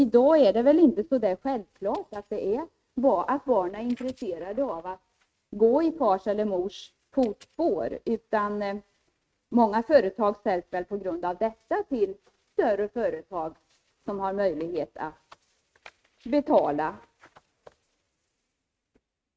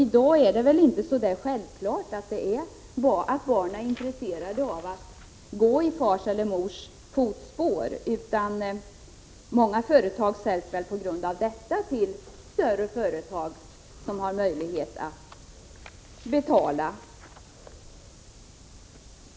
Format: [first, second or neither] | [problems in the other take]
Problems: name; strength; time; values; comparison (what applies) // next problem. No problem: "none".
second | noise reduction (neural mask model RNNoise)